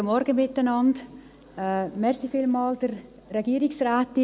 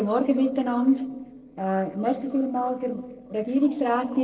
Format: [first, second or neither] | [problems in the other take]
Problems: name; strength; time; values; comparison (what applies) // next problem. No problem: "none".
first | noise reduction (neural separator model SepFormer DNS4)